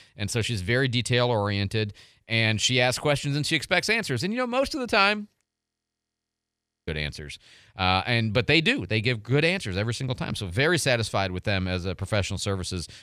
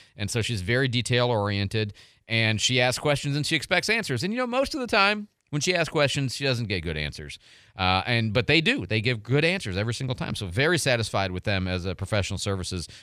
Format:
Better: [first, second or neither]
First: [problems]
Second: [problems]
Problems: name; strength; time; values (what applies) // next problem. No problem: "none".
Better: second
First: audio freezing; at 5.5 s for 1.5 s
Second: none